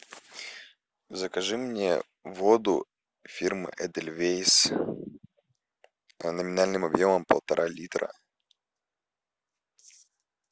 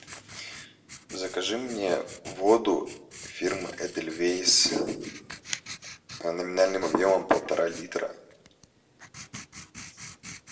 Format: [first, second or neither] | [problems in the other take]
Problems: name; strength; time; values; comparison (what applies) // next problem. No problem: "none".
first | background sound (Writing); 16 dB below the speech // room echo; dies away in 0.6 s